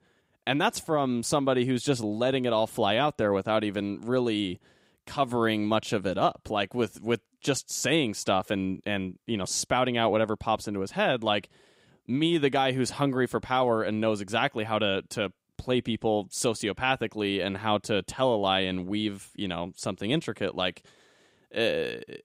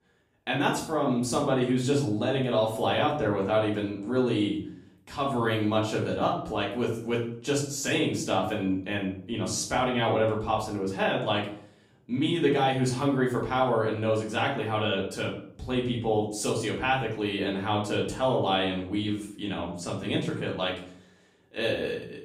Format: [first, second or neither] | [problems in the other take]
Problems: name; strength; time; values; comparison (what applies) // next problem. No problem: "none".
first | room echo; slight; dies away in 0.5 s // off-mic speech; far